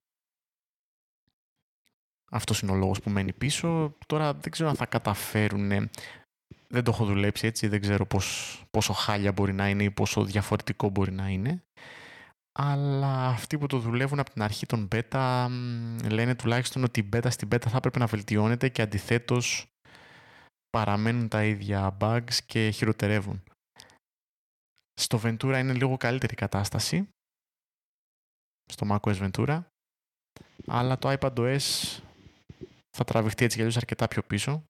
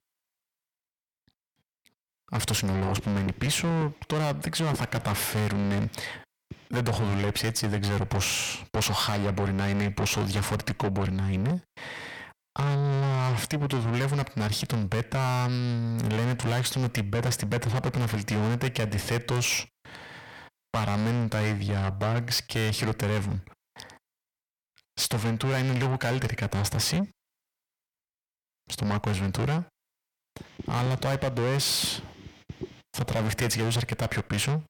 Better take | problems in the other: first | distortion; heavy; 5 dB below the speech

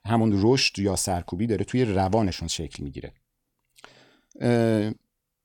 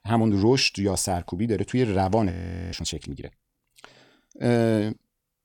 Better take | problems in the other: first | audio freezing; at 2.5 s

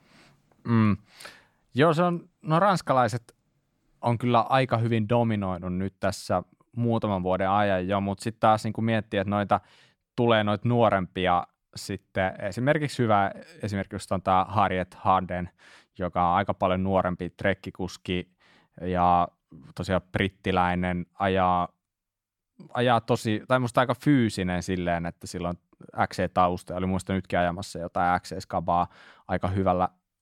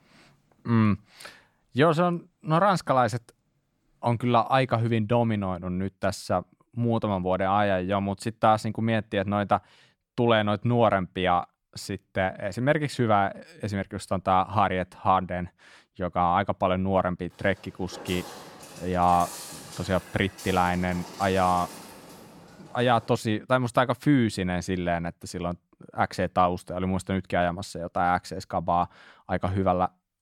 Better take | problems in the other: first | footsteps; faint; from 17 to 23 s; peak 10 dB below the speech

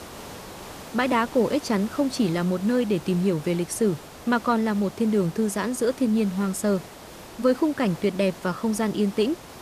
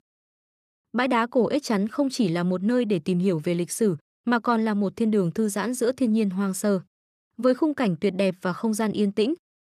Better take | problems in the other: second | hiss; noticeable; throughout; 15 dB below the speech

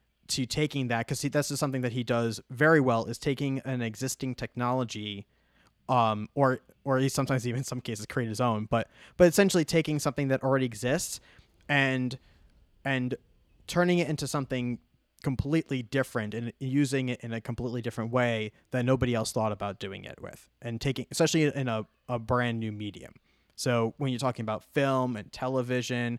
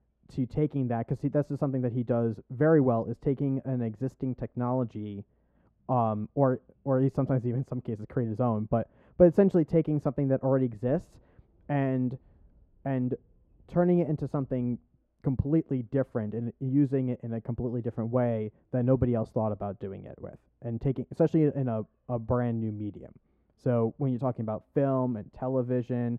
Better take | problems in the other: first | muffled; very; fading above 2 kHz

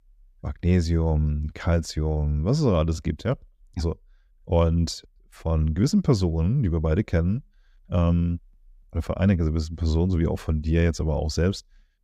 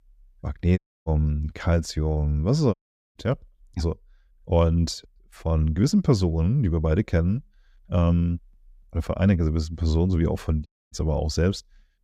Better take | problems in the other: first | audio cutting out; at 1 s, at 2.5 s and at 11 s

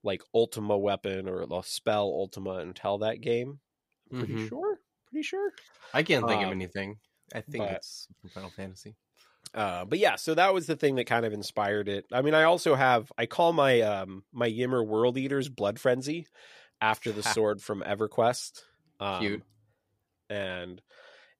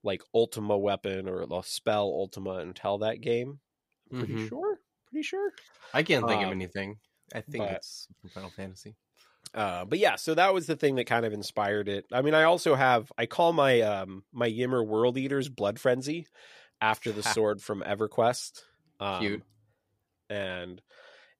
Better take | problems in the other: neither | none

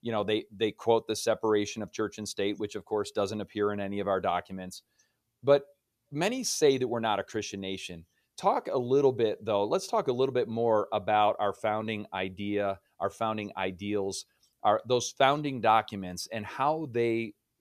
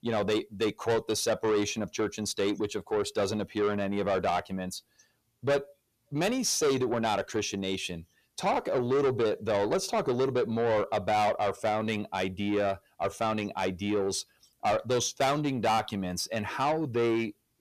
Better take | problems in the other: first | distortion; heavy; 7 dB below the speech

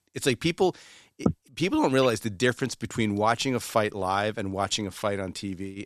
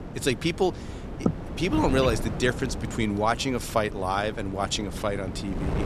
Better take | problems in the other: first | wind noise on the microphone; occasional gusts; 10 dB below the speech

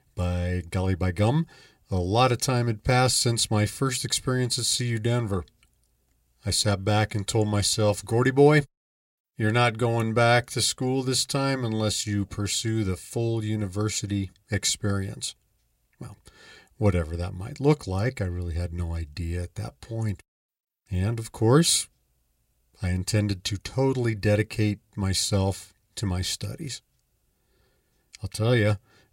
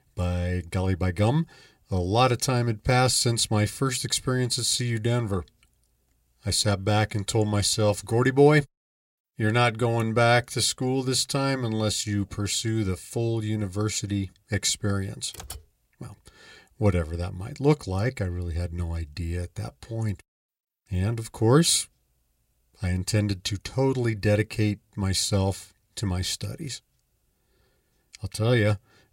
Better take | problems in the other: first | keyboard typing; faint; at 15 s; peak 15 dB below the speech

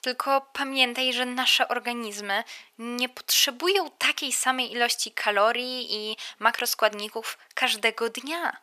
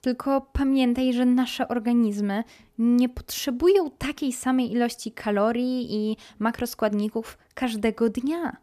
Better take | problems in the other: second | thin; very; fading below 850 Hz

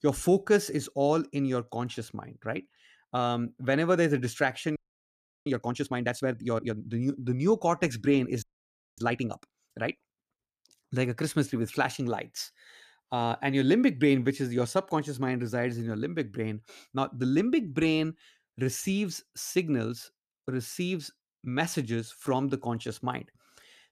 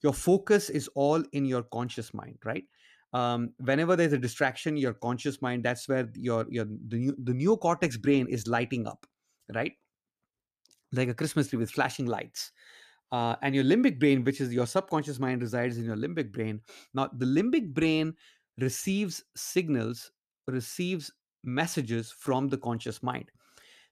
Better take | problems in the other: second | audio freezing; at 5 s for 0.5 s and at 8.5 s for 0.5 s

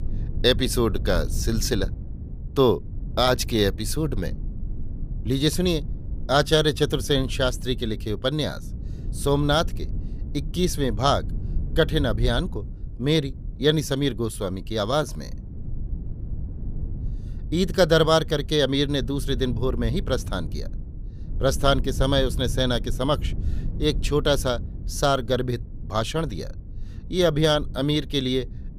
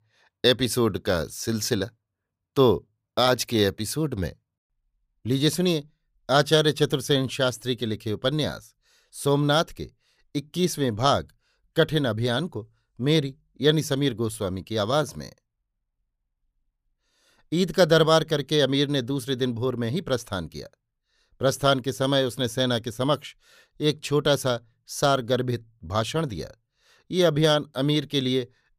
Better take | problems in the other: second | low rumble; faint; throughout; 20 dB below the speech

